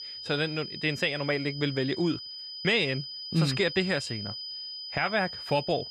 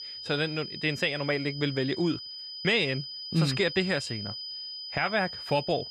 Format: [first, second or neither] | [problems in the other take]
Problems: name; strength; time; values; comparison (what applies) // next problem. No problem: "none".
neither | high-pitched whine; loud; throughout; 5 kHz, 8 dB below the speech; the same in both